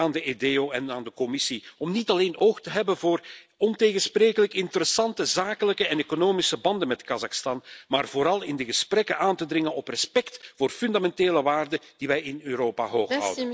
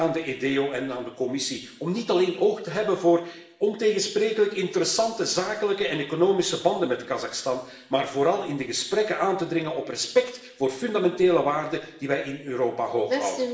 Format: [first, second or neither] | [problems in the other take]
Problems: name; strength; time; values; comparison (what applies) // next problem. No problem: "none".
first | room echo; dies away in 0.8 s